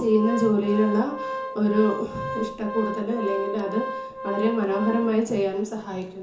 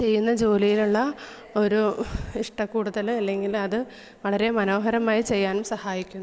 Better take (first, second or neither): second